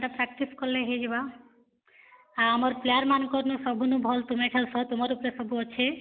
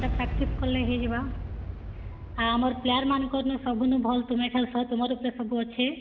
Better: first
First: none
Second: background sound (Boom); 7 dB below the speech // room echo; dies away in 1.2 s

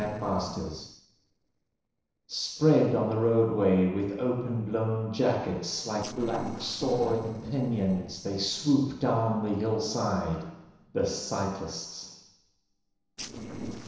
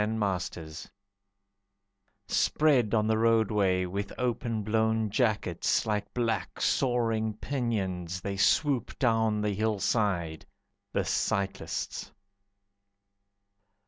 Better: second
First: noise reduction (neural separator model SepFormer DNS4)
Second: none

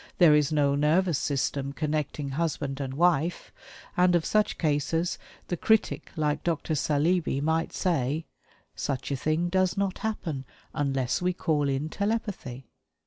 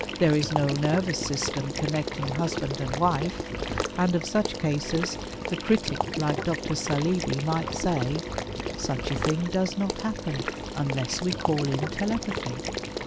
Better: first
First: none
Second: background sound (Water / Liquid); 4 dB below the speech

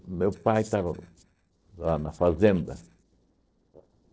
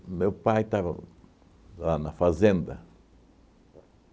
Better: second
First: noise reduction (neural separator model SepFormer DNS4)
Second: none

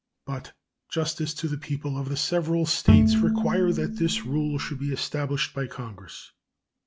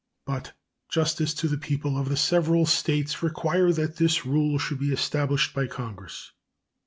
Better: second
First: background sound (Bowed string instrument); 5 dB above the speech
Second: none

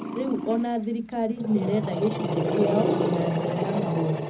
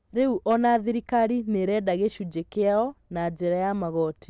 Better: second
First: background sound (Growling); 1 dB below the speech // room echo; dies away in 0.4 s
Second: none

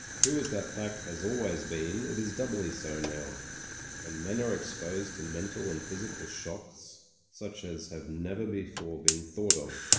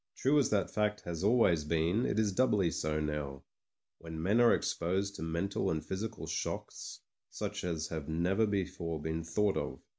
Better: second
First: background sound (Fire); as loud as the speech // room echo; dies away in 1.2 s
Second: none

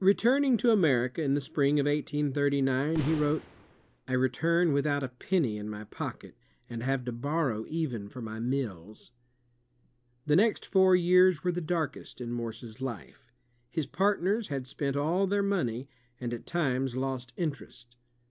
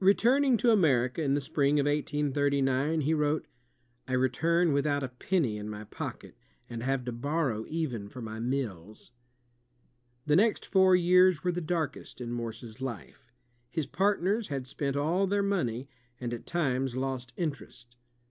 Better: second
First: background sound (Boom); 13 dB below the speech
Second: none

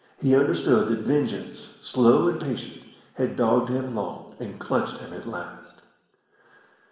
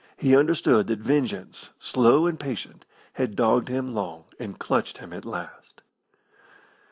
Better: second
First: room echo; dies away in 1.1 s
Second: none

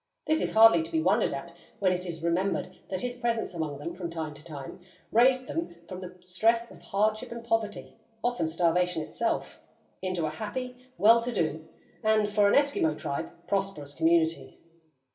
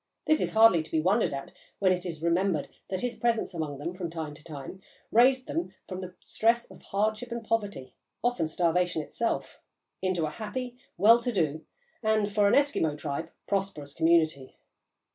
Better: second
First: room echo; dies away in 0.7 s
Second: none

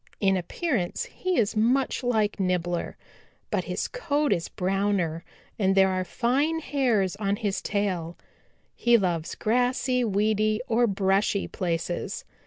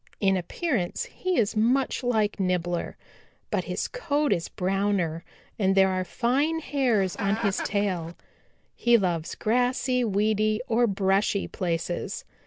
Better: first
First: none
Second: background sound (Chicken, rooster); 10 dB below the speech

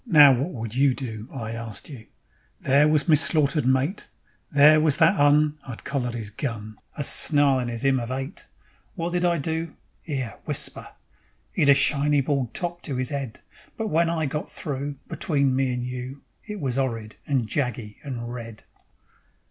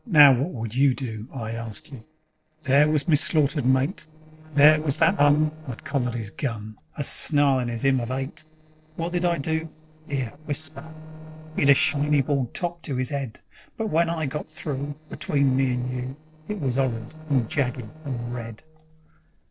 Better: first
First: none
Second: noise reduction (neural separator model SepFormer DNS4)

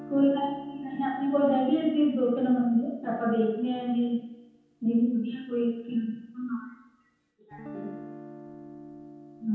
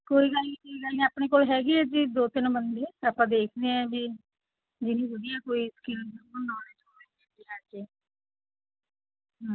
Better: second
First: background sound (Guitar); 19 dB below the speech // room echo; dies away in 0.9 s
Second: none

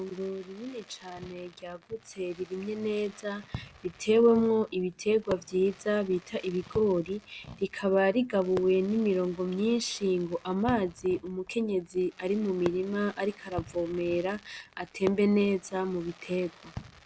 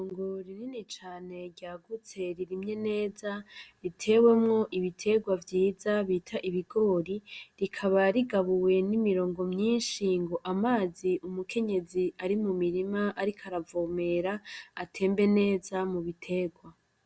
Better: second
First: background sound (Fireworks); 17 dB below the speech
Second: none

